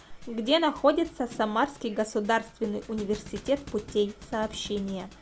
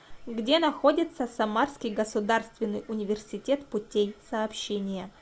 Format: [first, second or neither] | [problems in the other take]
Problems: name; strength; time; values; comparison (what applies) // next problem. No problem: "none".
second | background sound (Thump, thud); 19 dB below the speech